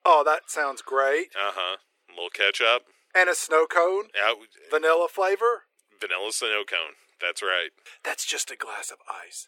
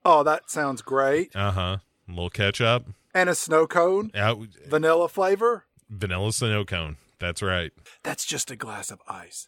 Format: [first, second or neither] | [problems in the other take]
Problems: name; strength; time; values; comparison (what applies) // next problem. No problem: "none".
second | thin; very; fading below 350 Hz